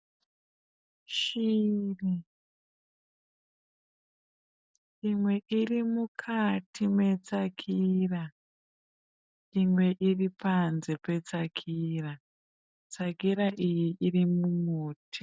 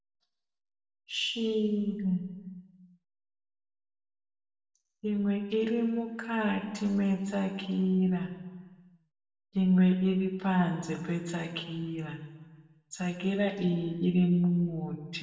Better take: first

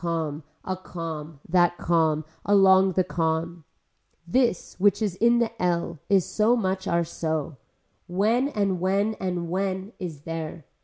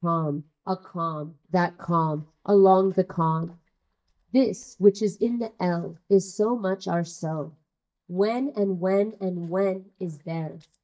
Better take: first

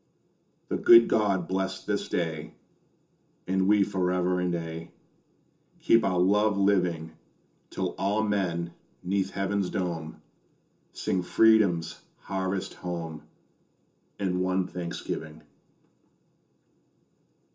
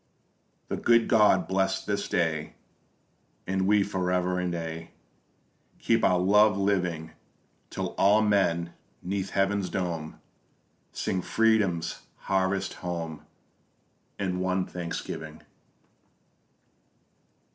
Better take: second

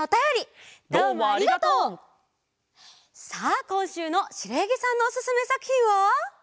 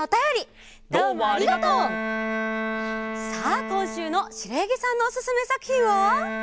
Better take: first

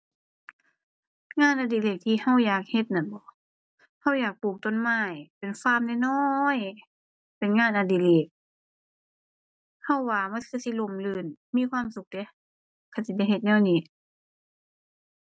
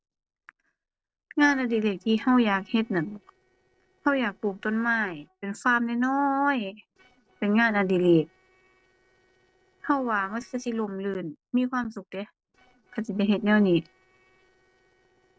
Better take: first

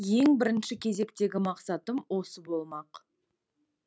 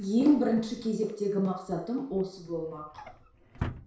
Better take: first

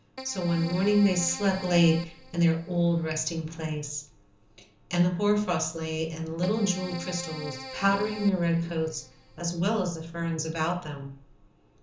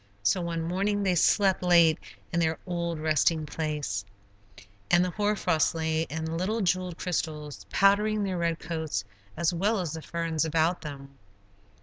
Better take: second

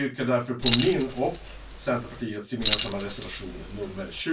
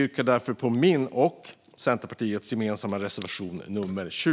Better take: second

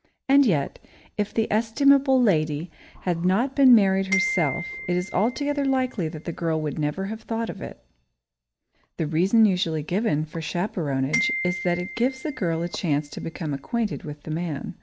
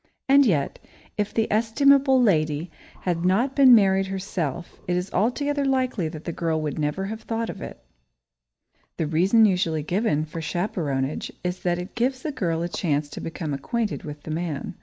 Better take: second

